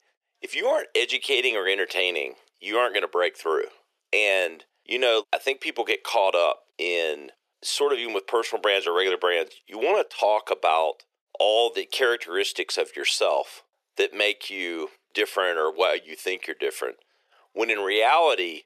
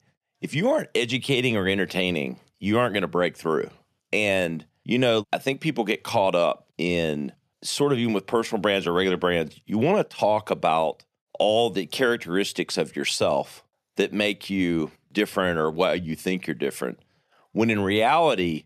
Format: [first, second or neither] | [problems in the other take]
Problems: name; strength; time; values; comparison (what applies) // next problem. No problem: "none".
second | thin; very; fading below 400 Hz